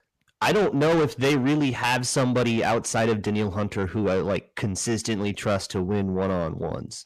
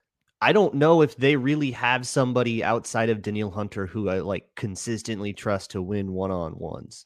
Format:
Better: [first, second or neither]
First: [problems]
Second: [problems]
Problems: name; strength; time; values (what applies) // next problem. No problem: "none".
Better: second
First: distortion; heavy; 6 dB below the speech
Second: none